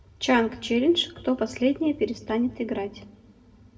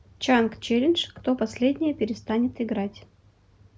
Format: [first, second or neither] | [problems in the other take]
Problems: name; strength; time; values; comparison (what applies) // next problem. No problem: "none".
second | room echo; dies away in 1.4 s